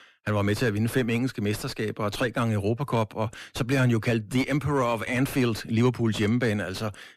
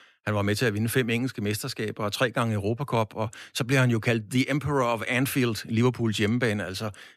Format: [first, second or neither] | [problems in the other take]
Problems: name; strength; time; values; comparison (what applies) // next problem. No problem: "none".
second | distortion; slight; 10 dB below the speech